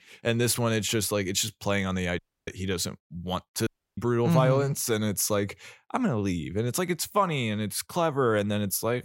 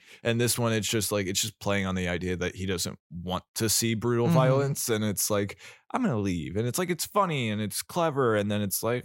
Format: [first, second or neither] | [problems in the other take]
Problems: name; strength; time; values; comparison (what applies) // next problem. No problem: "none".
second | audio cutting out; at 2 s and at 3.5 s